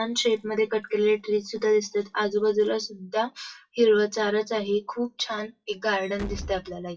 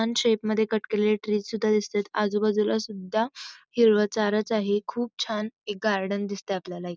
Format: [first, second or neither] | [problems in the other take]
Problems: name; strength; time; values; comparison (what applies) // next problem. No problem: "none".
second | noise reduction (classical method WPE with log-MMSE)